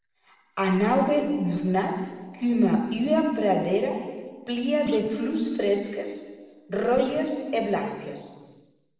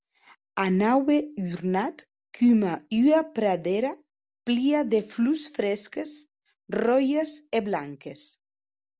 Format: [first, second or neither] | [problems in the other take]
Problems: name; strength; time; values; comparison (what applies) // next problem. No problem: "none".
second | noise reduction (neural separator model SepFormer DNS4)